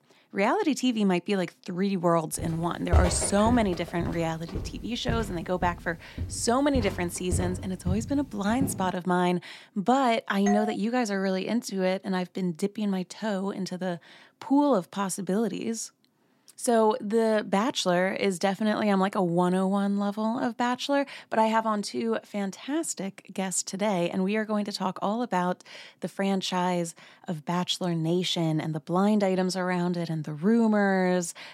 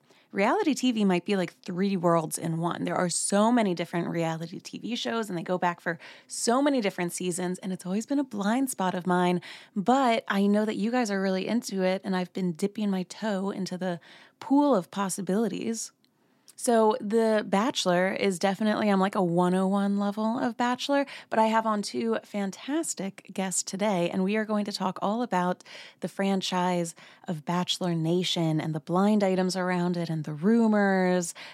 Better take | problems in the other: second | footsteps; loud; from 2.5 to 9 s; peak 2 dB above the speech // doorbell; noticeable; at 10 s; peak 5 dB below the speech

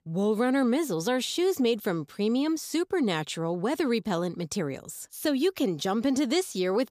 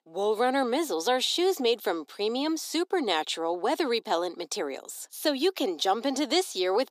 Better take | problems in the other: first | thin; somewhat; fading below 300 Hz

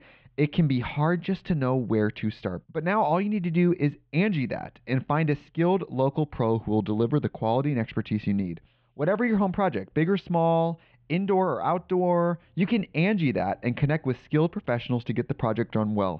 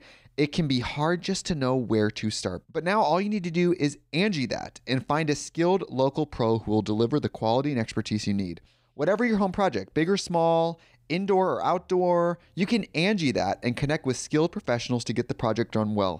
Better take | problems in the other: second | muffled; very; fading above 3 kHz

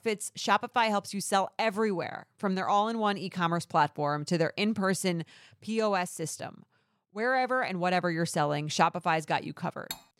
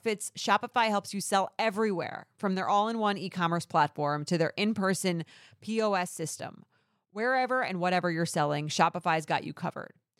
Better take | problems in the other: second | clattering dishes; faint; at 10 s; peak 10 dB below the speech

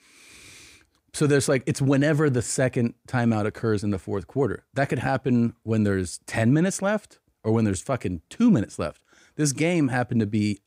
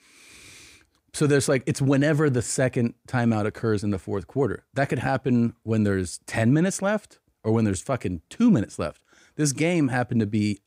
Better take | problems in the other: neither | none

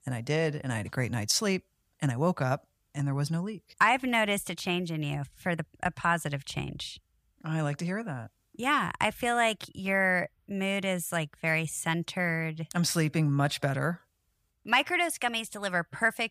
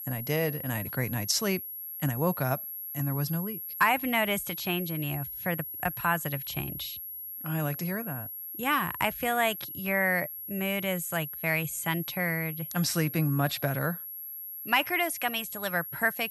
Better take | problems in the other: first | high-pitched whine; loud; throughout; 11.5 kHz, 7 dB below the speech

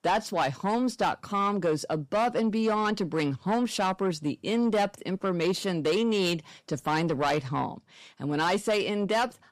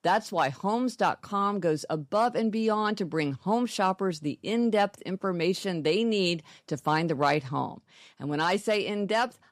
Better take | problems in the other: second | distortion; slight; 10 dB below the speech

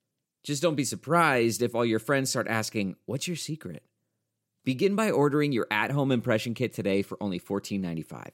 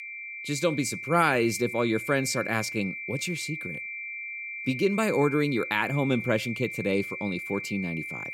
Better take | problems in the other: first | high-pitched whine; loud; throughout; 2.5 kHz, 7 dB below the speech

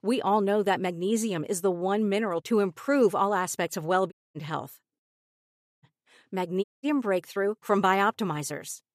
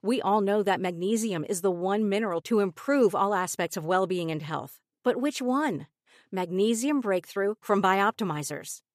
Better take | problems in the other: second | audio cutting out; at 4 s, at 5 s for 1 s and at 6.5 s

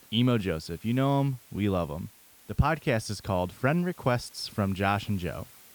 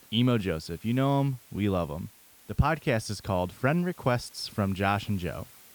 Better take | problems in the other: neither | hiss; faint; throughout; 25 dB below the speech; the same in both

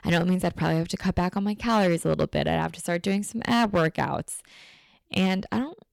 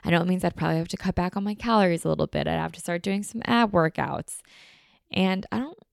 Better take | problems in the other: second | distortion; slight; 4% of the sound clipped

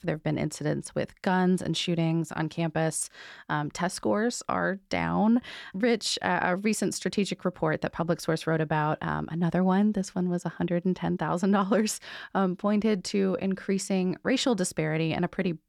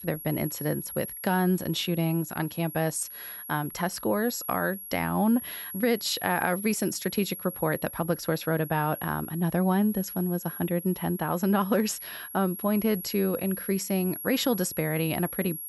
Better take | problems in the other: first | high-pitched whine; loud; throughout; 11.5 kHz, 9 dB below the speech

